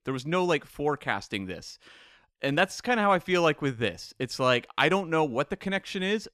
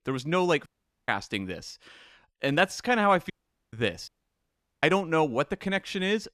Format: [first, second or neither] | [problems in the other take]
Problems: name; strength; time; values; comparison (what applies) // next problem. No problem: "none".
first | audio cutting out; at 0.5 s, at 3.5 s and at 4 s for 0.5 s